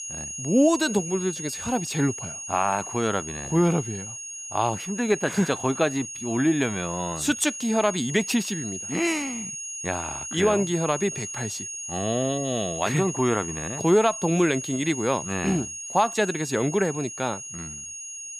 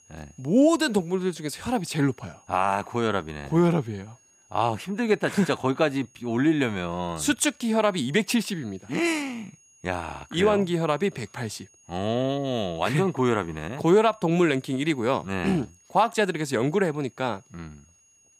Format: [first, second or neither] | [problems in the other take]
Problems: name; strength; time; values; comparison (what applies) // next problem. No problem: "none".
second | high-pitched whine; loud; throughout; 6.5 kHz, 7 dB below the speech; faint in the second